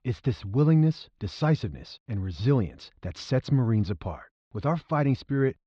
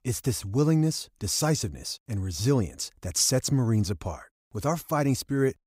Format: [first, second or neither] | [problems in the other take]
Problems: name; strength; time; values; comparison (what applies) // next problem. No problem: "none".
second | muffled; slightly; fading above 4 kHz